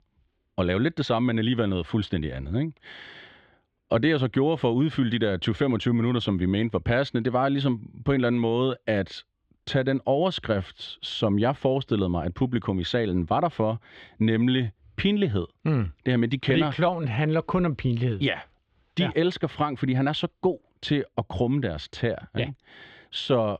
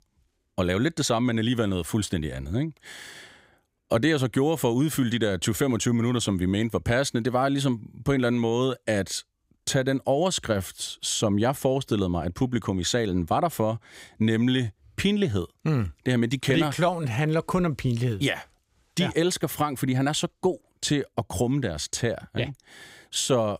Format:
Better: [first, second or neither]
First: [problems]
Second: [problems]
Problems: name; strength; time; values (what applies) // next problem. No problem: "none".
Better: second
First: muffled; slightly; fading above 3.5 kHz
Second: none